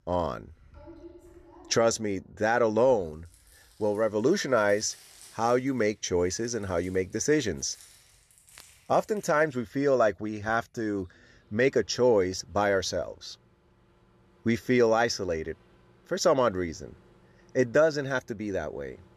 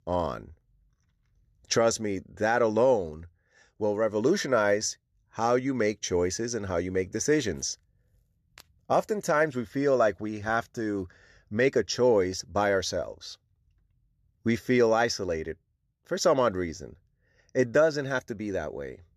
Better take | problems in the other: second | household noises; faint; throughout; 30 dB below the speech

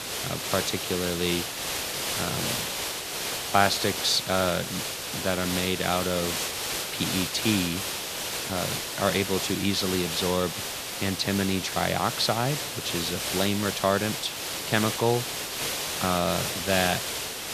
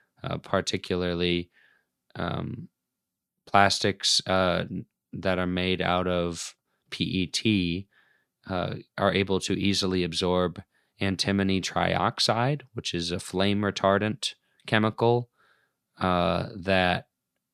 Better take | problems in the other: second | hiss; loud; throughout; 2 dB below the speech

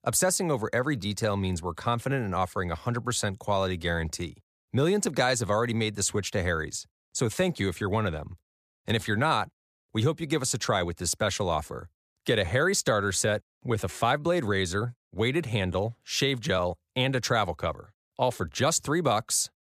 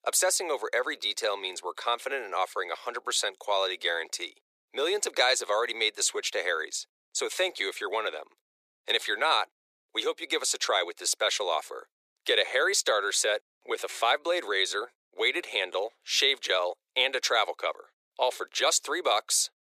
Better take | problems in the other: first | thin; very; fading below 400 Hz

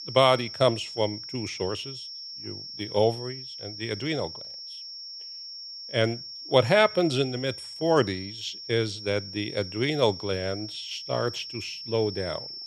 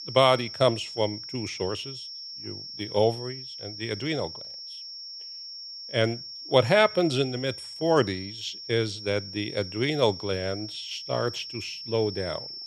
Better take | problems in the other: neither | high-pitched whine; loud; throughout; 5.5 kHz, 10 dB below the speech; the same in both

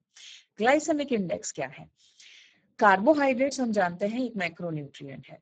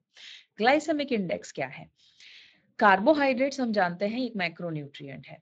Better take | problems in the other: second | garbled, watery; badly; nothing above 7.5 kHz; slightly in the second

